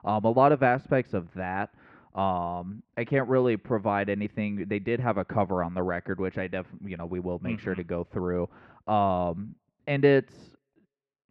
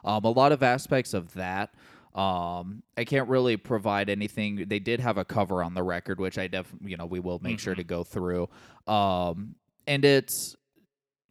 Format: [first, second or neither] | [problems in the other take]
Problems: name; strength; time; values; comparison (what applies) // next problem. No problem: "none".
second | muffled; very; fading above 2 kHz